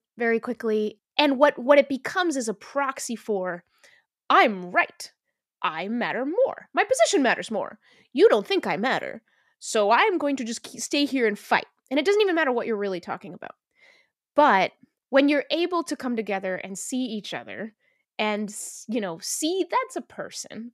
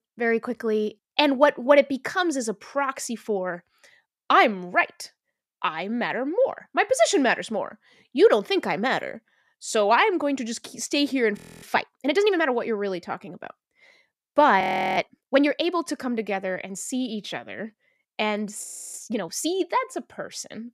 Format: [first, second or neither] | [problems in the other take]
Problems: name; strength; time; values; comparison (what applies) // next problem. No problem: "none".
first | audio freezing; at 11 s, at 15 s and at 19 s